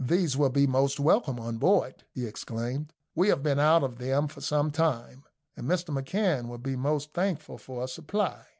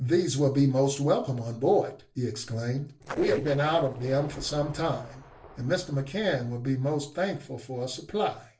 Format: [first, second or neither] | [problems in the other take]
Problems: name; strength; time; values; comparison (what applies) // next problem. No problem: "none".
first | noise reduction (neural separator model SepFormer DNS4)